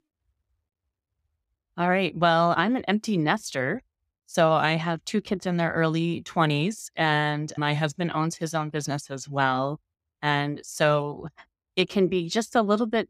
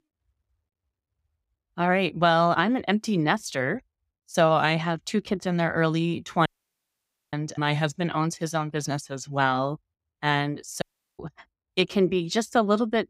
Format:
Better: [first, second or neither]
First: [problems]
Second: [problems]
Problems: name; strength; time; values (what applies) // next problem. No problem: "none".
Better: first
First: none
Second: audio cutting out; at 6.5 s for 1 s and at 11 s